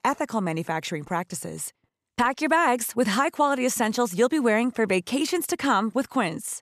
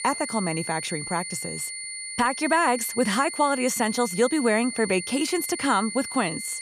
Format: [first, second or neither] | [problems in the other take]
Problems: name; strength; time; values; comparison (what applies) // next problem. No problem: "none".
first | high-pitched whine; loud; throughout; 2 kHz, 7 dB below the speech